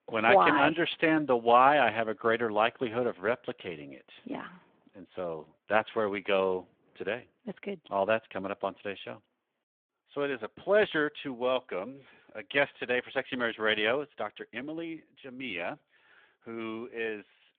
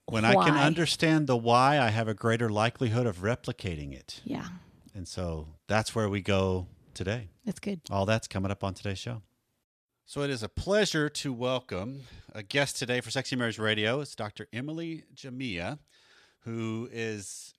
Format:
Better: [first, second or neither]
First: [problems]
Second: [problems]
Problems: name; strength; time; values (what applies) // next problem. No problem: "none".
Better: second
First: phone-call audio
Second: none